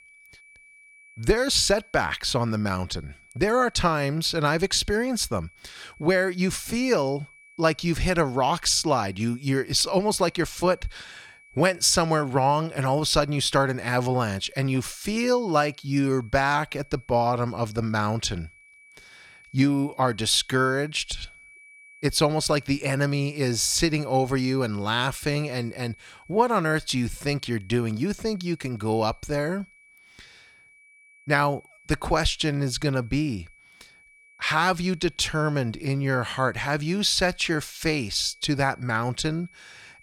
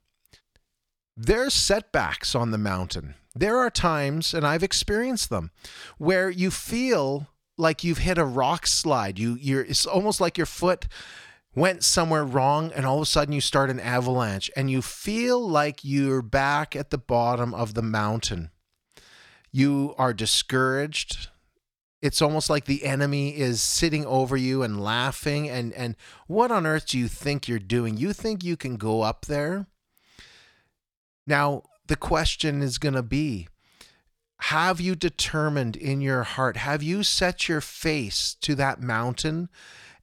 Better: second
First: high-pitched whine; faint; throughout; 2.5 kHz, 25 dB below the speech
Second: none

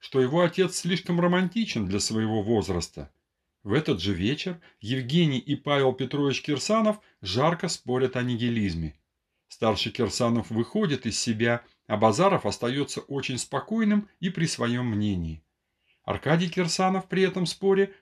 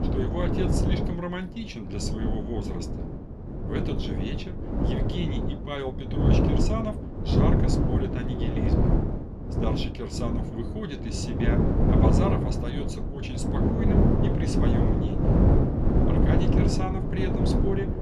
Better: first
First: none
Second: wind noise on the microphone; heavy; 4 dB above the speech

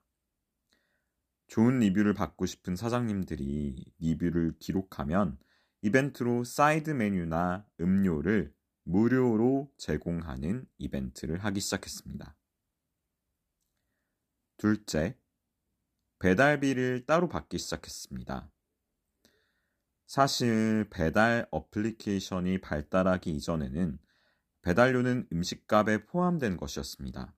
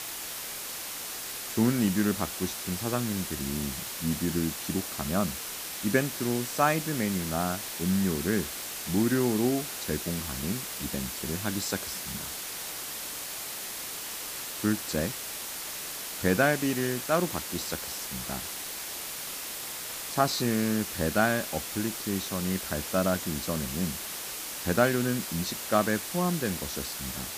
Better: first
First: none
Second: hiss; loud; throughout; 4 dB below the speech

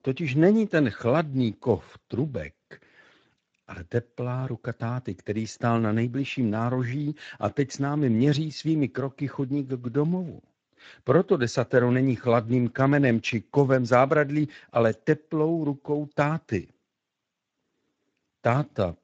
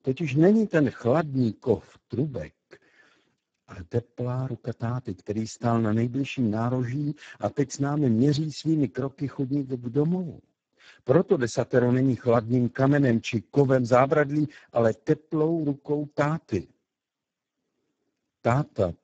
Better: first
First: garbled, watery; slightly; nothing above 7.5 kHz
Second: garbled, watery; badly; nothing above 7.5 kHz

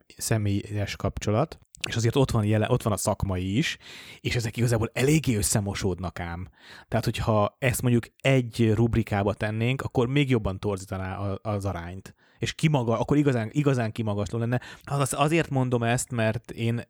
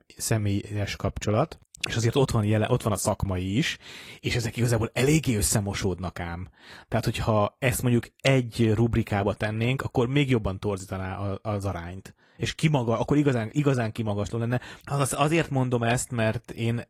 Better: first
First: none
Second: garbled, watery; slightly

